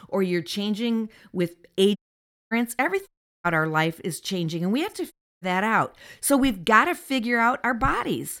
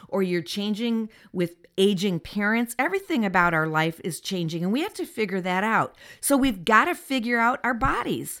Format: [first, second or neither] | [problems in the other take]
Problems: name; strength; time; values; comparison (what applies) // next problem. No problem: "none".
second | audio cutting out; at 2 s for 0.5 s, at 3 s and at 5 s